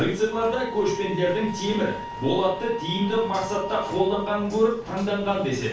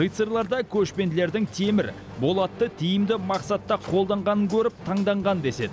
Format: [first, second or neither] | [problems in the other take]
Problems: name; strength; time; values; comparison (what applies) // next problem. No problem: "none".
second | background sound (Wind instrument, woodwind instrument); 12 dB below the speech // room echo; dies away in 0.3 s